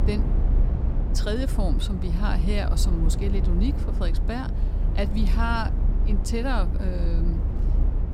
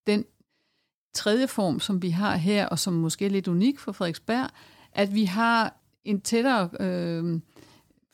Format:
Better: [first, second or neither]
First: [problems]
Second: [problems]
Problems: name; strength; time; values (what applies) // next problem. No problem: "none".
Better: second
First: low rumble; loud; throughout; 8 dB below the speech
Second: none